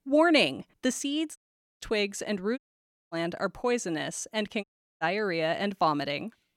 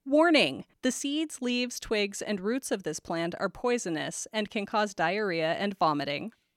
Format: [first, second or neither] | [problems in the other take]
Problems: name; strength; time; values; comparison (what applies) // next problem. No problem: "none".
second | audio cutting out; at 1.5 s, at 2.5 s for 0.5 s and at 4.5 s